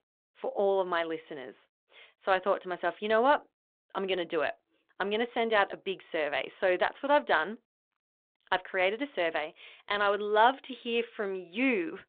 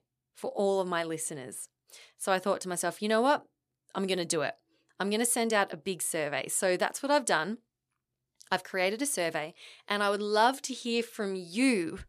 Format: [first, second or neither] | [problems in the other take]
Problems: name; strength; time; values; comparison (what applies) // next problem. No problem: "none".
second | phone-call audio